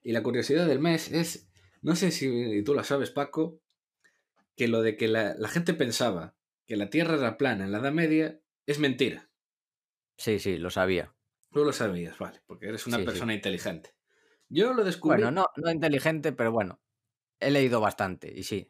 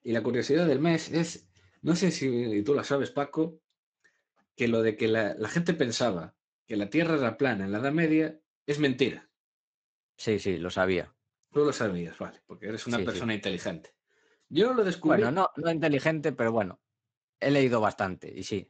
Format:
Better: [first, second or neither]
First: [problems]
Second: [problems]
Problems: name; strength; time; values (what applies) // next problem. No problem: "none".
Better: first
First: none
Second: garbled, watery; slightly; nothing above 8 kHz